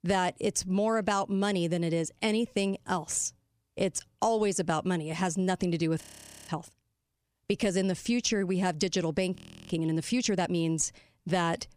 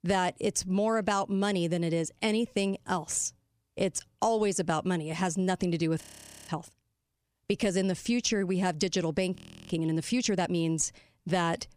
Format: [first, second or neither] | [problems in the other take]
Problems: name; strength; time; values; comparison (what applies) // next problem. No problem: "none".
neither | audio freezing; at 6 s and at 9.5 s; the same in both